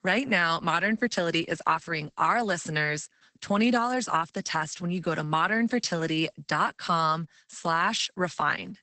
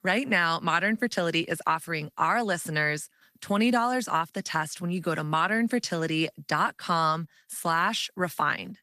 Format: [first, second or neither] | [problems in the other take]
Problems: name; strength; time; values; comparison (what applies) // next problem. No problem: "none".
second | garbled, watery; badly; nothing above 8 kHz; slightly in the second